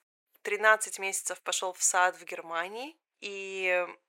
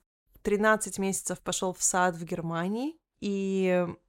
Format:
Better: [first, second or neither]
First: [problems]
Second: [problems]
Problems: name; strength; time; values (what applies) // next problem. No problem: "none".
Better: second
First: thin; very; fading below 500 Hz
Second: none